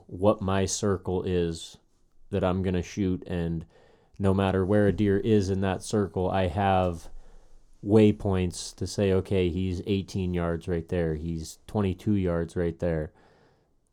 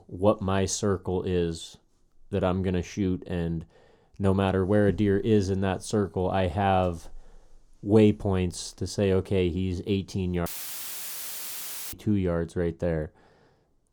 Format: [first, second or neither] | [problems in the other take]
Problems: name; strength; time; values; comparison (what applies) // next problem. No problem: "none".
first | audio cutting out; filled with static; at 10 s for 1.5 s